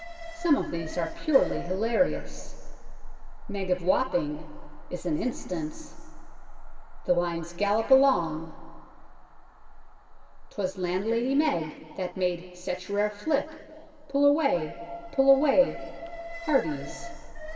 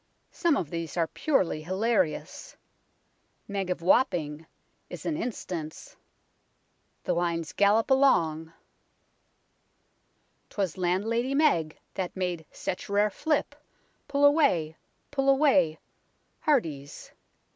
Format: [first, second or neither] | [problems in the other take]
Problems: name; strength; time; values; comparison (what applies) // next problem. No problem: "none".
second | background sound (Alarm); 9 dB below the speech // room echo; dies away in 1.8 s